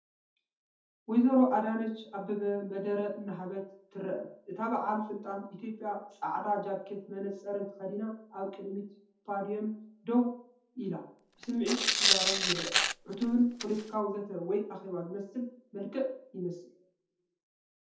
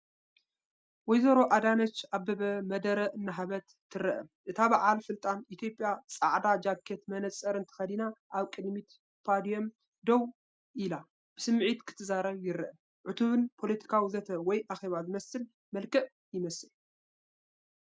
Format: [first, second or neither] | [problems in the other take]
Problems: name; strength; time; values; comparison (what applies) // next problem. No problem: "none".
second | background sound (Tearing); 2 dB above the speech // room echo; dies away in 0.5 s